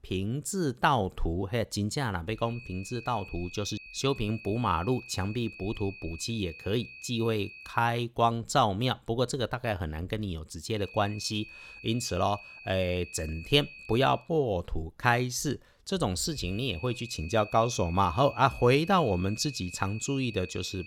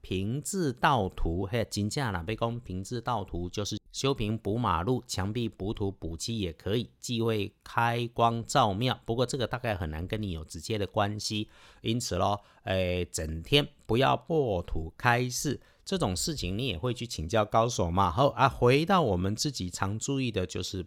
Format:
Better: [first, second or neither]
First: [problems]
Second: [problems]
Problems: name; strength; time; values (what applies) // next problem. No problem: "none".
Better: second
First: high-pitched whine; noticeable; from 2.5 to 8 s, from 11 to 14 s and from 16 s on; 2.5 kHz, 15 dB below the speech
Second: none